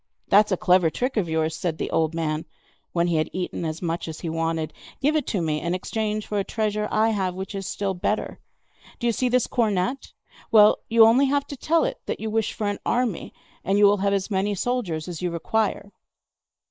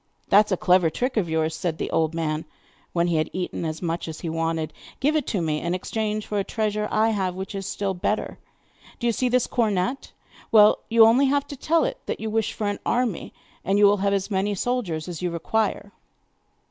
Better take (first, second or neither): second